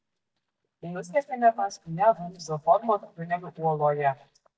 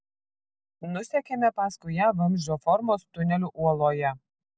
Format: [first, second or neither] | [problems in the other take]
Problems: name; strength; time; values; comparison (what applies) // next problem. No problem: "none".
second | noise reduction (neural mask model DeepFilterNet 3)